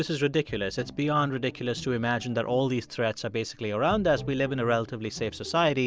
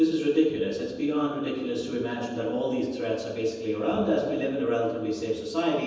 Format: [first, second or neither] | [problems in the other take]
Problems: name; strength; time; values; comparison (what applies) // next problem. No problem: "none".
first | room echo; dies away in 1.1 s